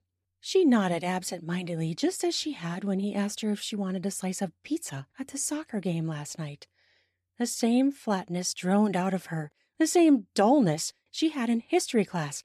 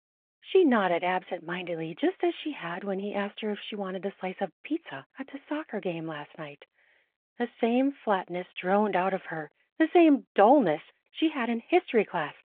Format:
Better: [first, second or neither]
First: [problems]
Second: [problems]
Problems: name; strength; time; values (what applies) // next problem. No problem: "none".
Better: first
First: none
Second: phone-call audio